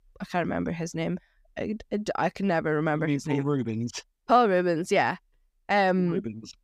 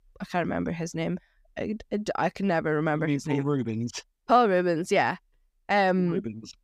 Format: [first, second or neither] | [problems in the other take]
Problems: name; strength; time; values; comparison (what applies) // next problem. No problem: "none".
neither | none